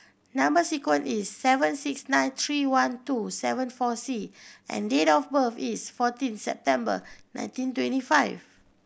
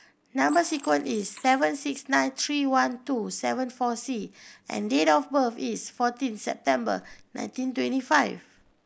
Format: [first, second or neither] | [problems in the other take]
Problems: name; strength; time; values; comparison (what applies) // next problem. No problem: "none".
first | noise reduction (neural mask model Resemble Enhance denoiser)